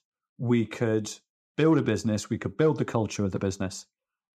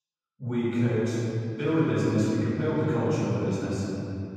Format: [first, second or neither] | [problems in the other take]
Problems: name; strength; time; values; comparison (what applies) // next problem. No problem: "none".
first | off-mic speech; far // room echo; strong; dies away in 2.9 s